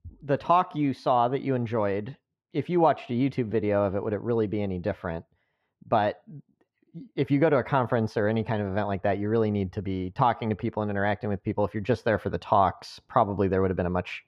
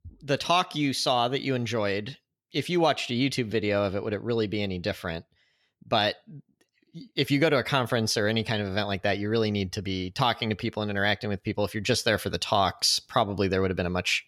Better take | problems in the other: second | muffled; very; fading above 2.5 kHz

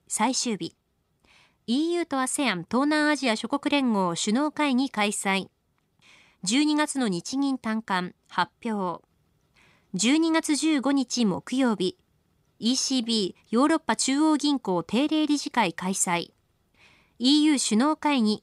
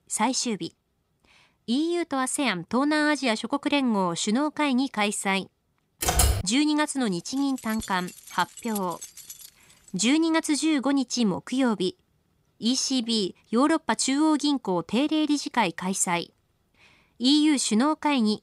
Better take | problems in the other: first | keyboard typing; loud; at 6 s; peak 3 dB above the speech // jangling keys; faint; from 7.5 to 10 s; peak 15 dB below the speech

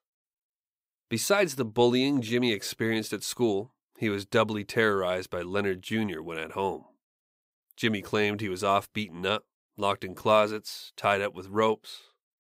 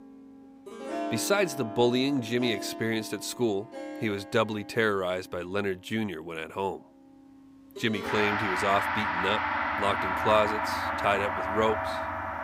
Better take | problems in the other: first | background music; loud; throughout; 2 dB below the speech

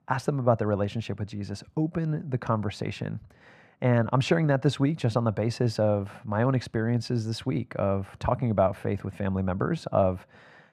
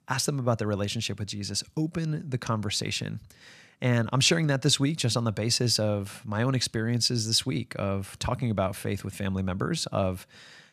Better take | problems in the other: second | muffled; very; fading above 3 kHz

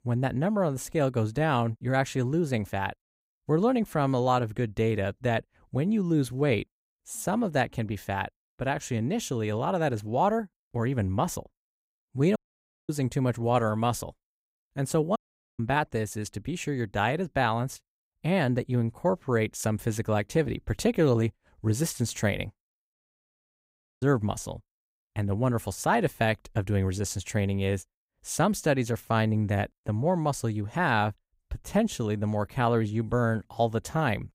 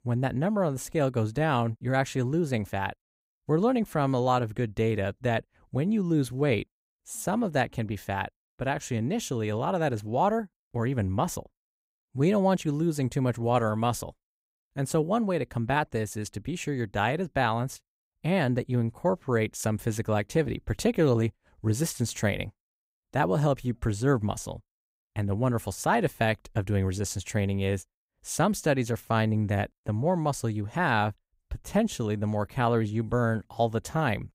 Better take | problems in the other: second | audio cutting out; at 12 s for 0.5 s, at 15 s and at 23 s for 1 s

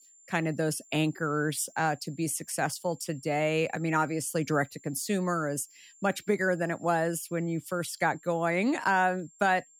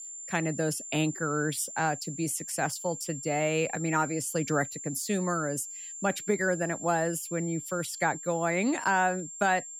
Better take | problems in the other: first | high-pitched whine; loud; throughout; 7.5 kHz, 9 dB below the speech; faint in the first

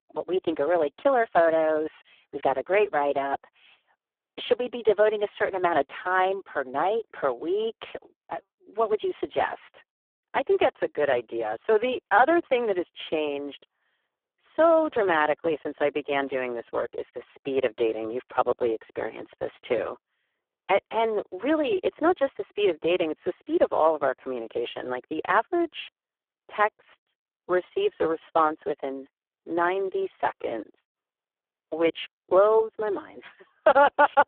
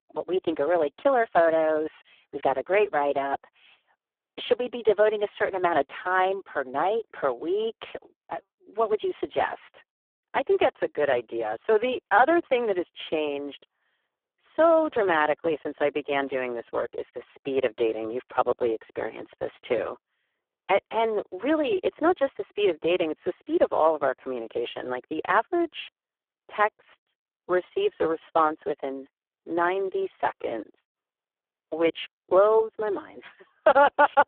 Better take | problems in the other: neither | phone-call audio; poor line; the same in both

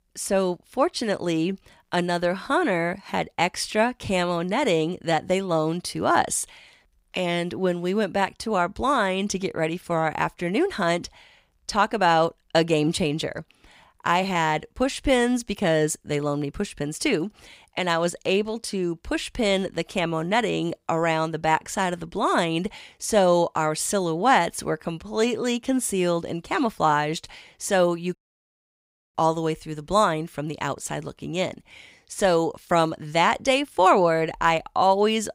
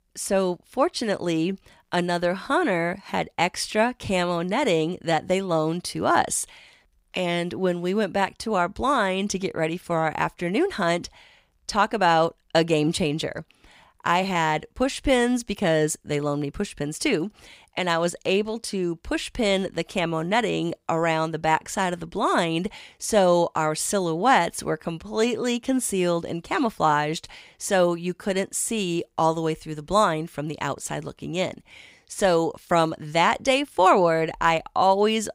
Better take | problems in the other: second | audio cutting out; at 28 s for 1 s

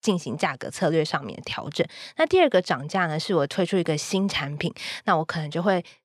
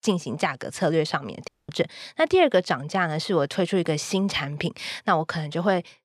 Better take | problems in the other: first | audio cutting out; at 1.5 s

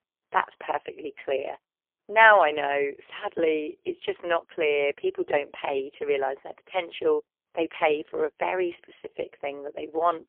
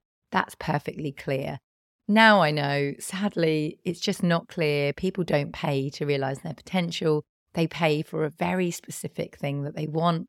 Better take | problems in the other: second | phone-call audio; poor line; nothing above 3 kHz

